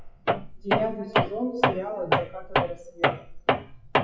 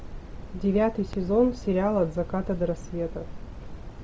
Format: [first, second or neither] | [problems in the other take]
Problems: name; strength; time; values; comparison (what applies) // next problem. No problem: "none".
second | noise reduction (classical method WPE with log-MMSE)